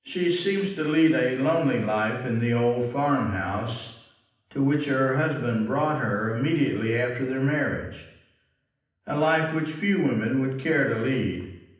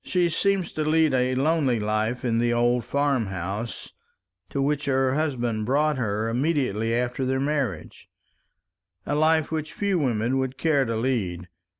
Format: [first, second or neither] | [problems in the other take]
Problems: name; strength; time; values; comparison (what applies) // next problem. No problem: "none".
second | room echo; dies away in 0.9 s